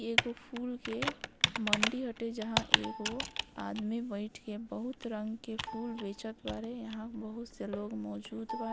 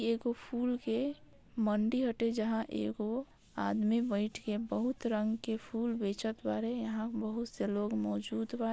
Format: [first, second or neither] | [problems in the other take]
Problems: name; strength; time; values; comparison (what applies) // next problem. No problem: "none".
second | background sound (Computer keyboard); 1 dB above the speech